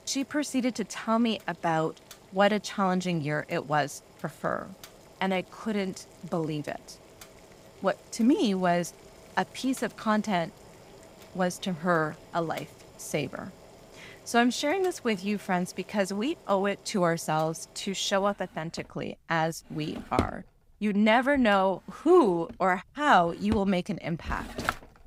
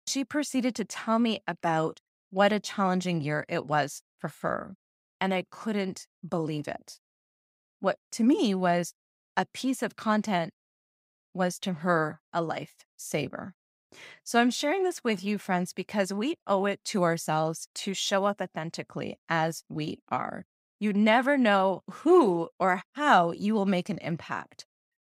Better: second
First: household noises; noticeable; throughout; 15 dB below the speech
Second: none

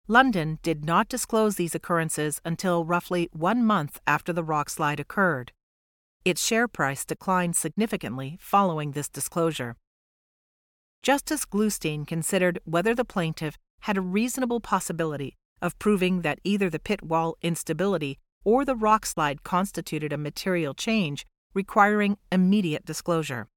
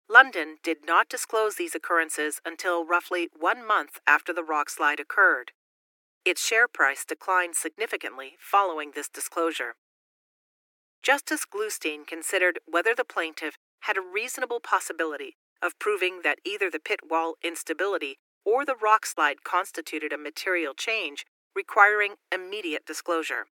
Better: first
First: none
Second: thin; very; fading below 300 Hz

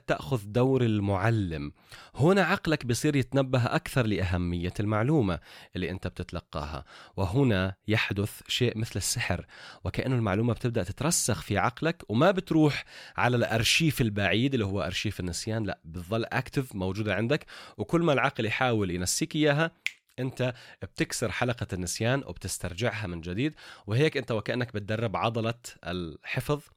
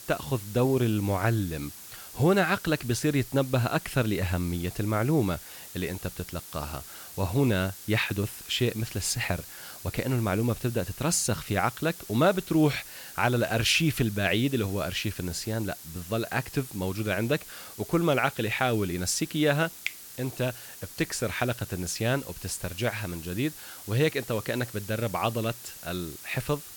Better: first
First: none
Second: hiss; noticeable; throughout; 15 dB below the speech

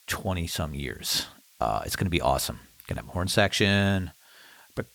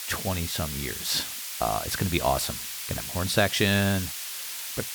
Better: first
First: hiss; faint; throughout; 30 dB below the speech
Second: hiss; loud; throughout; 5 dB below the speech

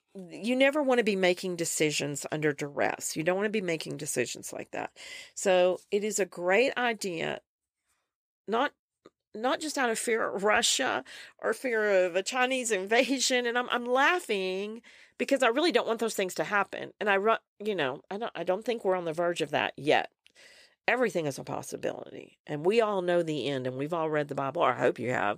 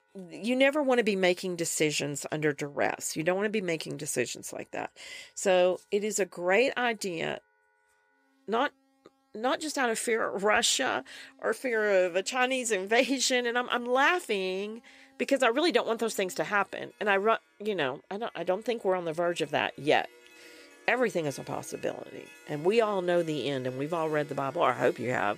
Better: first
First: none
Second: background music; faint; throughout; 25 dB below the speech

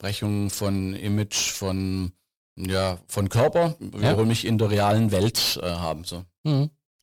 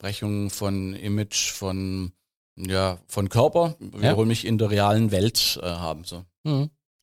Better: second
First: distortion; slight; 10 dB below the speech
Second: none

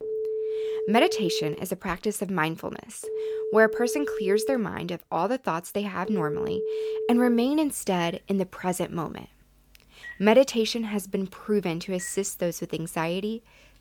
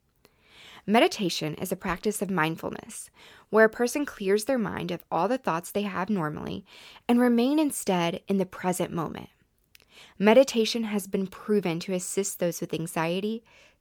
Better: second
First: alarms or sirens; loud; throughout; 5 dB below the speech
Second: none

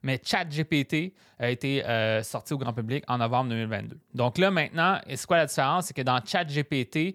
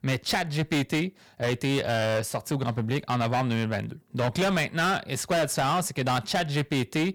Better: first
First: none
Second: distortion; heavy; 18% of the sound clipped

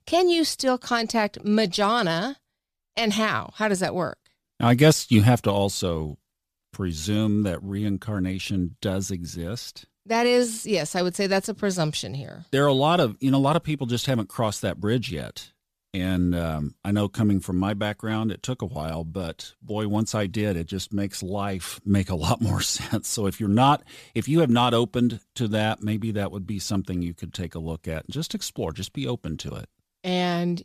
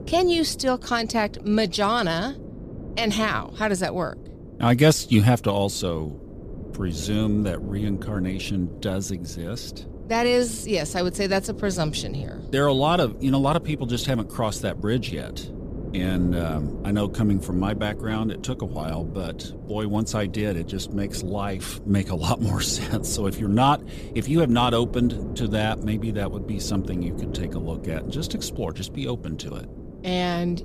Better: first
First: none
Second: wind noise on the microphone; occasional gusts; 15 dB below the speech

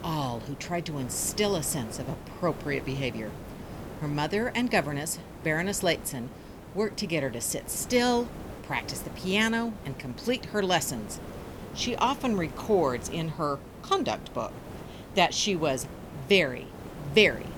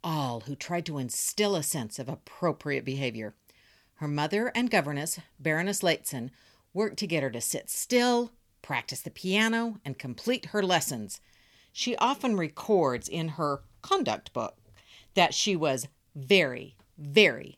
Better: second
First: hiss; noticeable; throughout; 15 dB below the speech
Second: none

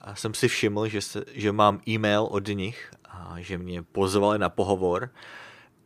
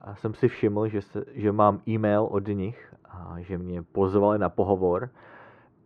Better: first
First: none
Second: muffled; very; fading above 3.5 kHz

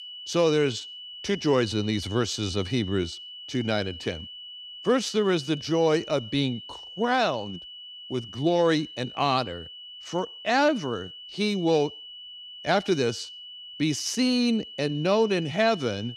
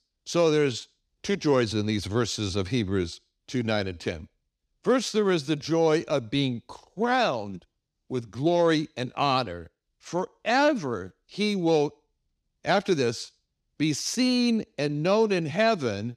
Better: second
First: high-pitched whine; noticeable; throughout; 3 kHz, 15 dB below the speech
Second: none

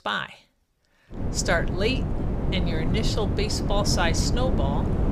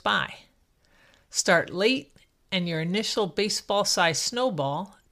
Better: second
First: wind noise on the microphone; heavy; from 1 s on; 7 dB below the speech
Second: none

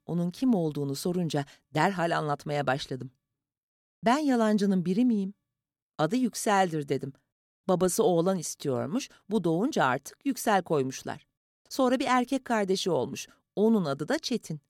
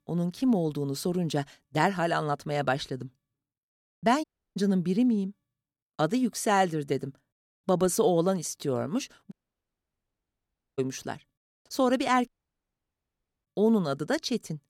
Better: first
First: none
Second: audio cutting out; at 4 s, at 9.5 s for 1.5 s and at 12 s for 1 s

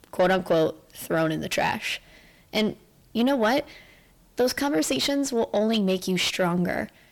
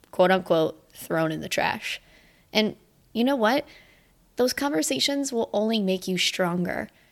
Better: second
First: distortion; slight; 10 dB below the speech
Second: none

